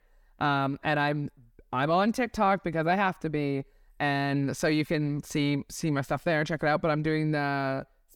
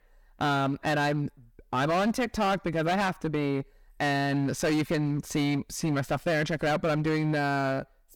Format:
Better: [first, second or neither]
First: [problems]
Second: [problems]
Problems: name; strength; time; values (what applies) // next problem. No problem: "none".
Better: first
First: none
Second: distortion; slight; 14% of the sound clipped